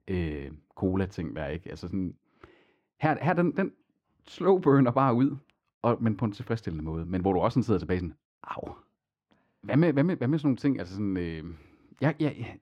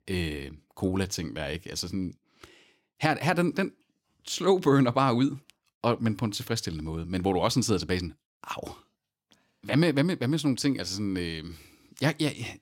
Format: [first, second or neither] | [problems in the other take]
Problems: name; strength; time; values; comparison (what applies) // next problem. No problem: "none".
second | muffled; very; fading above 3.5 kHz